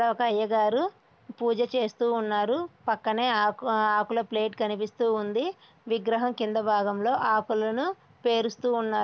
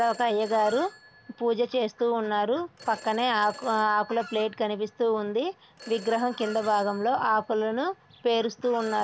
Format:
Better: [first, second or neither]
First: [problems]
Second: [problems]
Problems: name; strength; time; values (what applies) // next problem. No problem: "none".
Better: first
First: none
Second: background sound (Chicken, rooster + Telephone); 20 dB below the speech